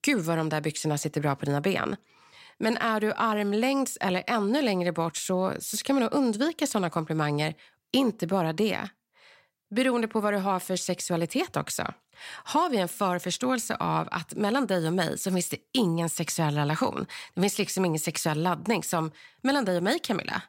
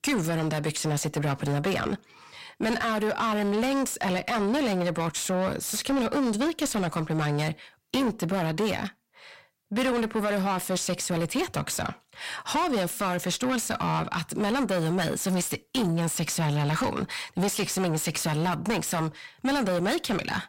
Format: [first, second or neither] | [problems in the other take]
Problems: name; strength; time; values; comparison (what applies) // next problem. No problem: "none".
first | distortion; heavy; 8 dB below the speech